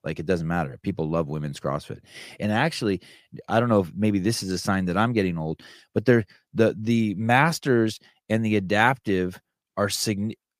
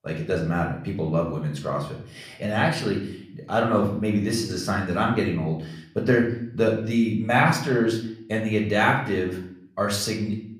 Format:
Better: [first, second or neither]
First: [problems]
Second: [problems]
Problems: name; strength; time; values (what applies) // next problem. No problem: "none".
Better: first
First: none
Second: room echo; slight; dies away in 0.6 s // off-mic speech; somewhat distant